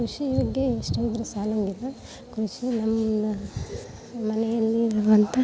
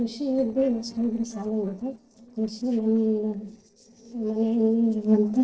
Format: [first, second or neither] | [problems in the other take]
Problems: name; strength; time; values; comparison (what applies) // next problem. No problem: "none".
first | noise reduction (neural separator model SepFormer DNS4)